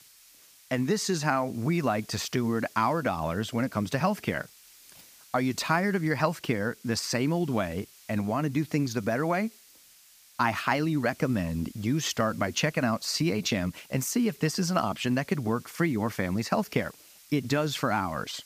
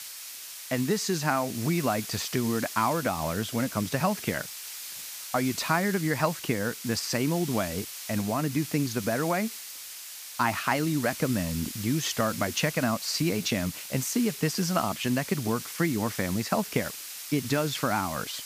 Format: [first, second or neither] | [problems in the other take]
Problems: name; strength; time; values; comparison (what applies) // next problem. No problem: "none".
first | hiss; loud; throughout; 9 dB below the speech; faint in the first